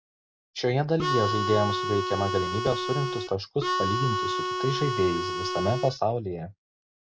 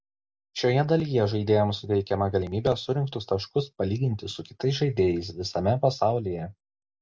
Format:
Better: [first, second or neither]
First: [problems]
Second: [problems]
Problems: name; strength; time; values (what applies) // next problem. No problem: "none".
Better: second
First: background sound (Harmonica); 1 dB below the speech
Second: none